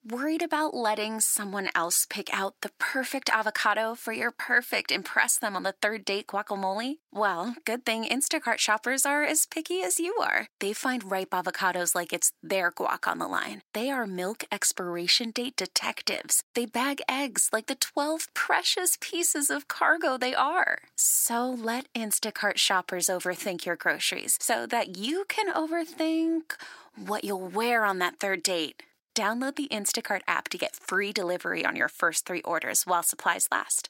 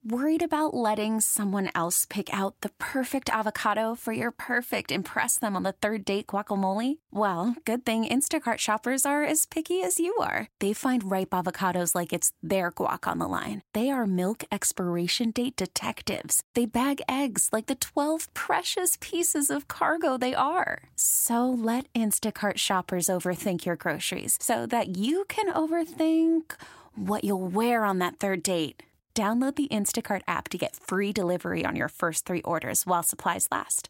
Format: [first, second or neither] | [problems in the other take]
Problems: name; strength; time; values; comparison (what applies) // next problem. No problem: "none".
second | thin; somewhat; fading below 300 Hz